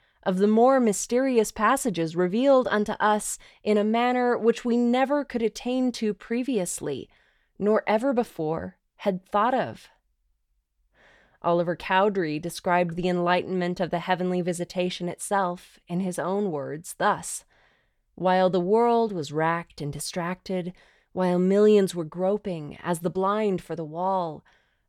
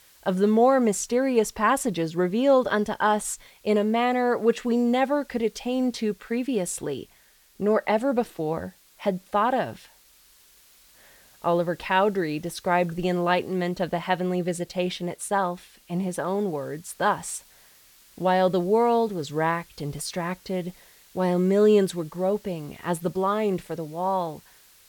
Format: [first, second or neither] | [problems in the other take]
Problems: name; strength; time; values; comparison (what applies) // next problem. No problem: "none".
first | hiss; faint; throughout; 30 dB below the speech